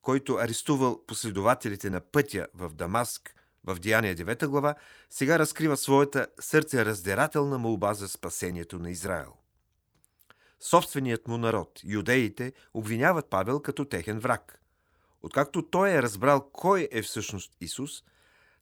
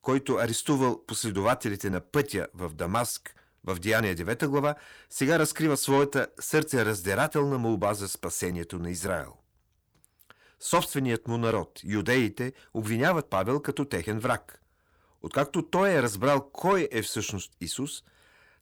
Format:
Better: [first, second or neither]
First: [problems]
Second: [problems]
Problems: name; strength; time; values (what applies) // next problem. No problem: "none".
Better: first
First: none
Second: distortion; slight; 10 dB below the speech